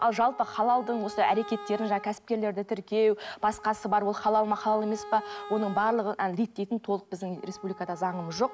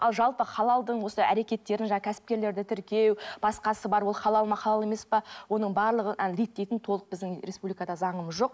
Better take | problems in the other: second | background sound (Wind instrument, woodwind instrument); 16 dB below the speech

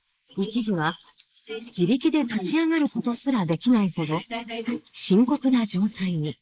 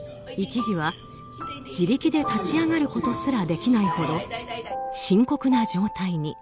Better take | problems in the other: second | noise reduction (neural mask model Resemble Enhance denoiser)

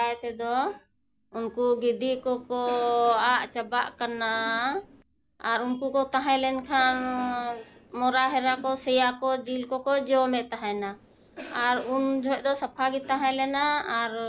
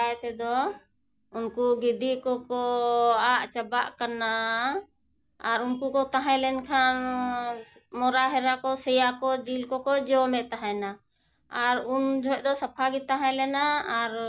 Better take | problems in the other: second | background sound (Cough); 19 dB below the speech

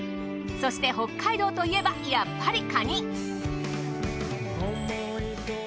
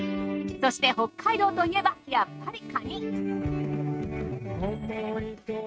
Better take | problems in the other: first | noise reduction (neural mask model RNNoise)

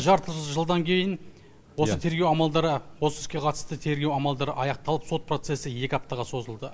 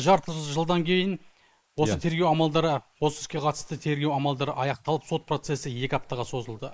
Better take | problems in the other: first | noise reduction (neural mask model Resemble Enhance denoiser)

